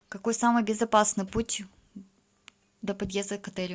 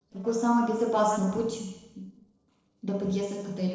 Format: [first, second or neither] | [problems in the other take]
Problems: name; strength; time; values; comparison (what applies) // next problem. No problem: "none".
first | noise reduction (neural separator model SepFormer DNS4)